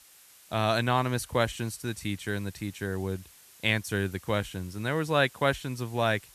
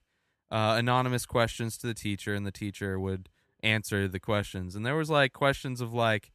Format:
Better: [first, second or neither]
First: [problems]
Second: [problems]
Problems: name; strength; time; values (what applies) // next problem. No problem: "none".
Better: second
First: hiss; faint; throughout; 20 dB below the speech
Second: none